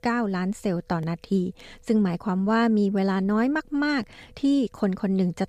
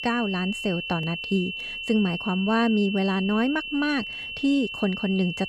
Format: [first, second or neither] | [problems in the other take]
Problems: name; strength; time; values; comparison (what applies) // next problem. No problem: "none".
first | high-pitched whine; loud; throughout; 2.5 kHz, 6 dB below the speech